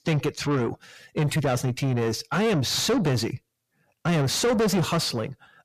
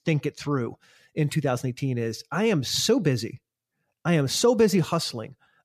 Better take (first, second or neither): second